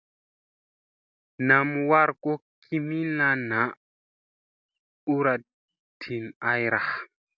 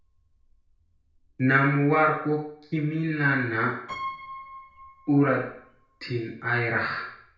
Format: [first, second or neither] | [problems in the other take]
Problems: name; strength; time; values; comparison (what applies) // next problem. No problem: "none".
first | background sound (Piano); 19 dB below the speech // room echo; dies away in 0.5 s